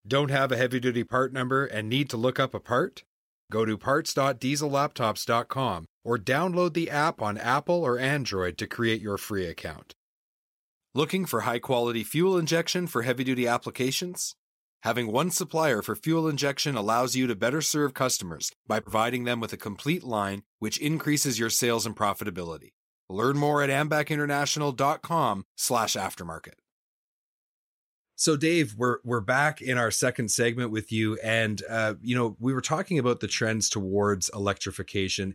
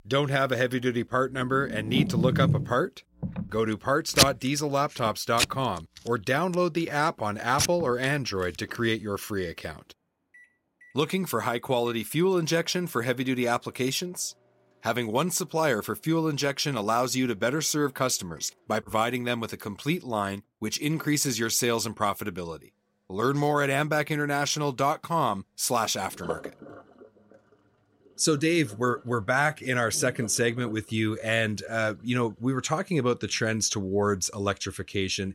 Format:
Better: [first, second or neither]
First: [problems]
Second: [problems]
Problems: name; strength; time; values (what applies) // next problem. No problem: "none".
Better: first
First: none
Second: household noises; loud; throughout; 3 dB below the speech